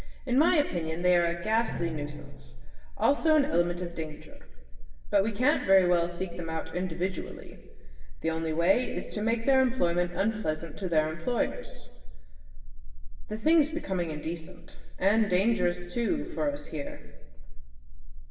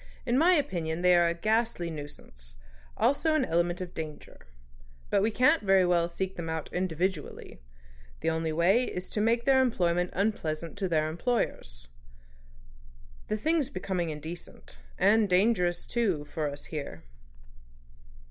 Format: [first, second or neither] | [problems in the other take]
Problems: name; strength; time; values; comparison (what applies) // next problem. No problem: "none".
second | background sound (Drum); 11 dB below the speech // room echo; dies away in 1.2 s